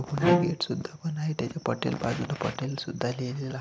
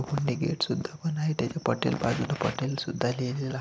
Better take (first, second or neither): second